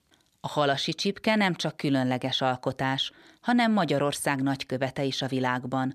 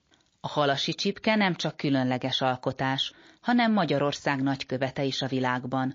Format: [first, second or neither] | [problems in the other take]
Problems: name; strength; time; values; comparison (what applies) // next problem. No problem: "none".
first | garbled, watery; slightly; nothing above 6.5 kHz